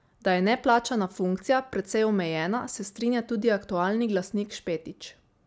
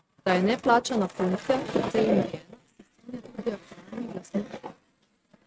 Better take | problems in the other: first | noise reduction (neural mask model RNNoise)

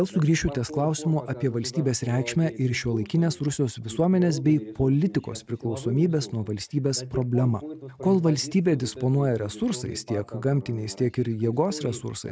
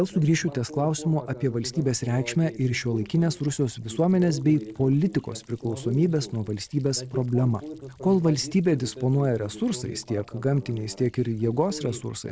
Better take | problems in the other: first | noise reduction (neural separator model SepFormer DNS4)

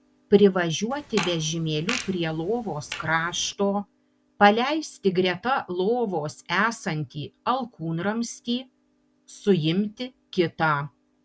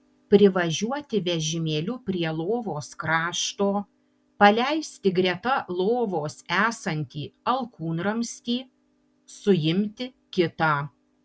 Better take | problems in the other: second | background sound (Fart); 11 dB below the speech

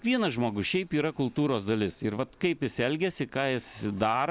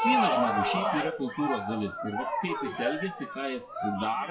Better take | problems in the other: first | noise reduction (classical method WPE with log-MMSE)

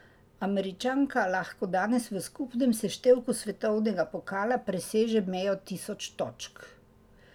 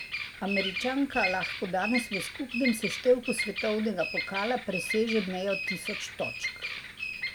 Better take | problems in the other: first | background sound (Bird vocalization, bird call, bird song); 4 dB below the speech

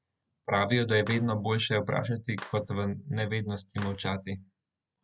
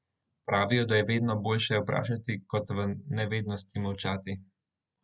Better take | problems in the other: second | background sound (Clapping); 19 dB below the speech

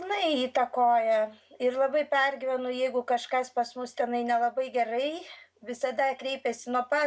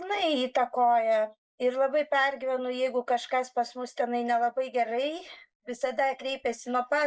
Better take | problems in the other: first | noise reduction (neural mask model Resemble Enhance denoiser)

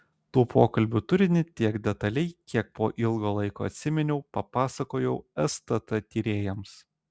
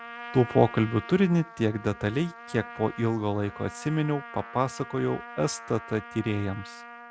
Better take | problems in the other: first | background sound (Trumpet); 15 dB below the speech

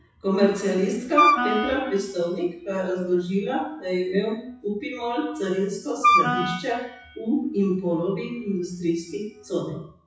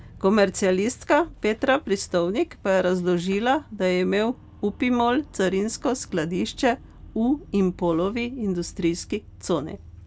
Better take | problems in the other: second | noise reduction (classical method WPE with log-MMSE)

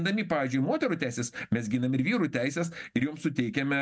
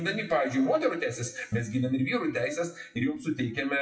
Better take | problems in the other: first | noise reduction (classical method WPE with log-MMSE)

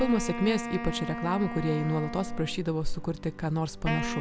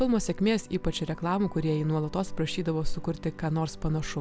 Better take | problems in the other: second | background sound (Wind instrument, woodwind instrument); 8 dB below the speech

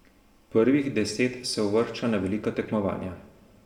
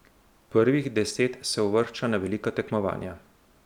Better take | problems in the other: second | room echo; dies away in 0.9 s

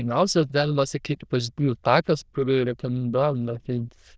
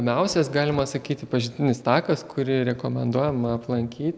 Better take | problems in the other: second | noise reduction (neural diffusion model UNIVERSE++)

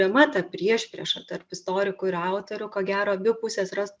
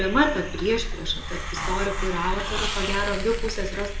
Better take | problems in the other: first | background sound (Hiss); 2 dB below the speech // room echo; dies away in 0.6 s

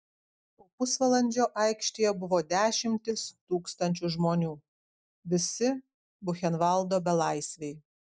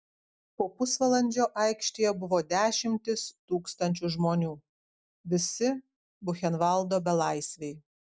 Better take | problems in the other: second | noise reduction (neural mask model DeepFilterNet 3)

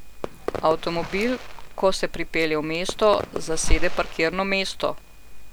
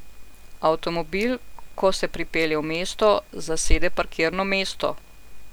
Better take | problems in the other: second | background sound (Fireworks); 13 dB below the speech

